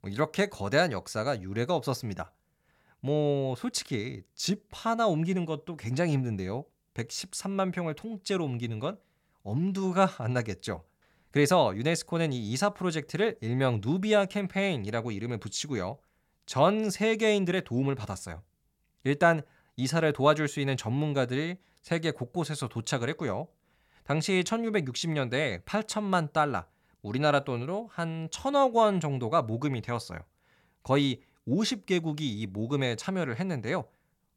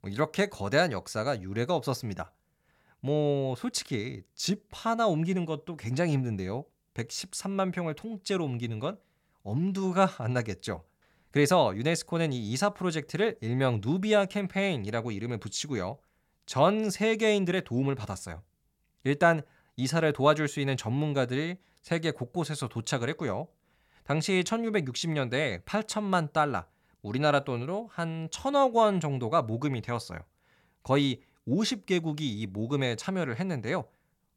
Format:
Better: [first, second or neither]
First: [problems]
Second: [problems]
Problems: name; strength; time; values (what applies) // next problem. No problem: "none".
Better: neither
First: none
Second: none